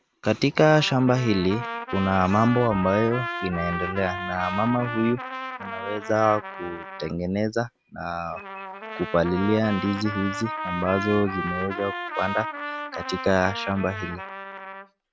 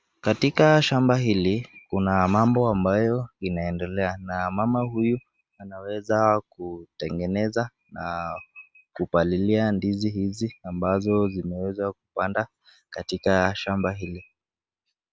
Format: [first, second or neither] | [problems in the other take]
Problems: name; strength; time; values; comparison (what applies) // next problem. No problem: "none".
second | background sound (Trumpet); 8 dB below the speech